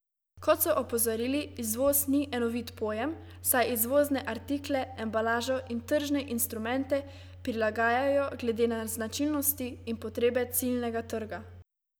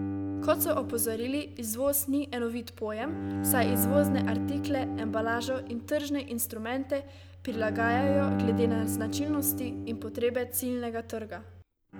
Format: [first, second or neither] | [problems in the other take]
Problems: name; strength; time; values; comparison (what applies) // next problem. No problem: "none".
first | background sound (Bowed string instrument); 2 dB below the speech